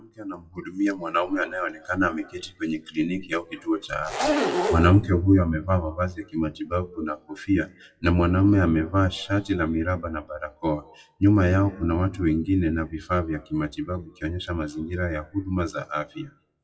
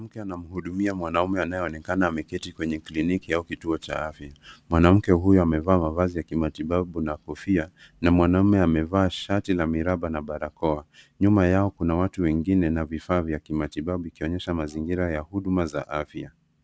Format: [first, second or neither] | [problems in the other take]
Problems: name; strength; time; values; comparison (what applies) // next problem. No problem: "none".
second | noise reduction (classical method WPE with log-MMSE)